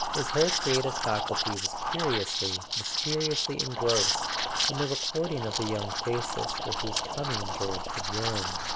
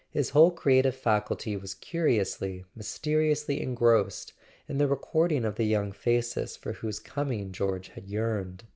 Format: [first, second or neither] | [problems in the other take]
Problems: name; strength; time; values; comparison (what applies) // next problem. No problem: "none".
second | background sound (Liquid); 1 dB above the speech